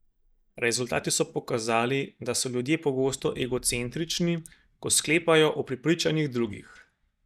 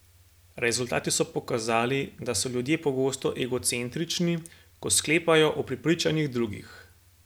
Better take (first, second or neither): second